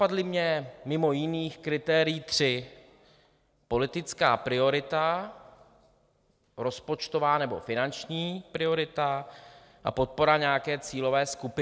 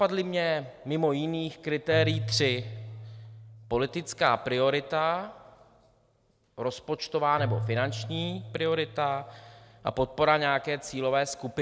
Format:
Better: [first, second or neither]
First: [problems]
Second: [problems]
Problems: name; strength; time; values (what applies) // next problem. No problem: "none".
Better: first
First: none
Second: background sound (Keyboard (musical)); 11 dB below the speech